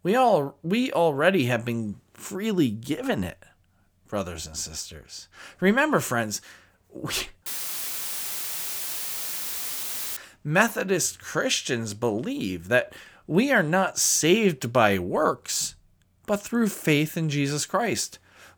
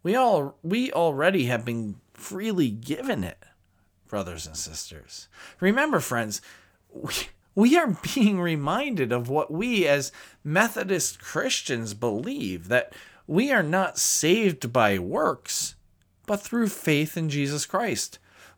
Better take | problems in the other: second | audio cutting out; filled with static; at 7.5 s for 2.5 s

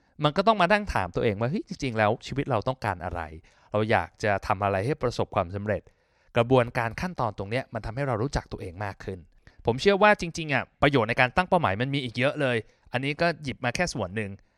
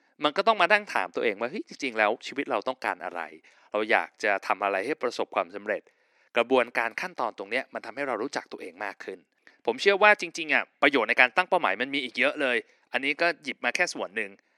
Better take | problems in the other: first | thin; somewhat; fading below 300 Hz

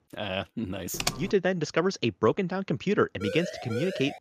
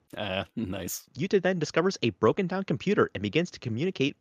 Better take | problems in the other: second | keyboard typing; noticeable; at 1 s; peak 2 dB below the speech // siren; noticeable; at 3 s; peak 6 dB below the speech

